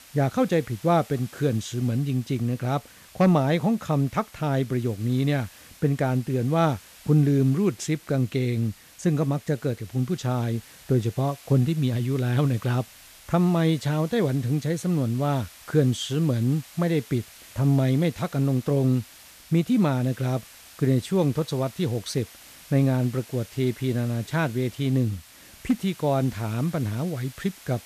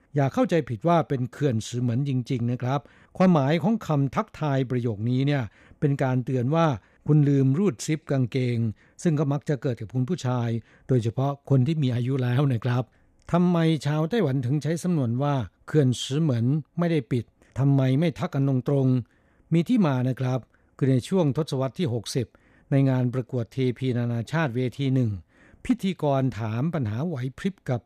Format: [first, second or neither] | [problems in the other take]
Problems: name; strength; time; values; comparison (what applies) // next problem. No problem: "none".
second | hiss; faint; throughout; 20 dB below the speech